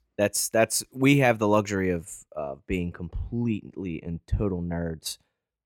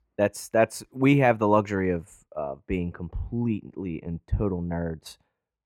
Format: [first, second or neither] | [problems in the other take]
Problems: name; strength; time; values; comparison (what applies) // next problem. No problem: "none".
first | muffled; slightly; fading above 3 kHz